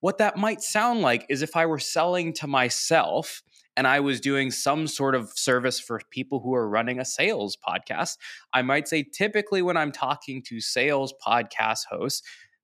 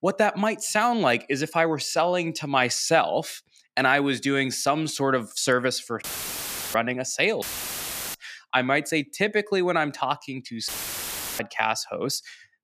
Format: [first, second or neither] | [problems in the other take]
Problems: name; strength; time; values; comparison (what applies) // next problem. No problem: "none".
first | audio cutting out; filled with static; at 6 s for 0.5 s, at 7.5 s for 0.5 s and at 11 s for 0.5 s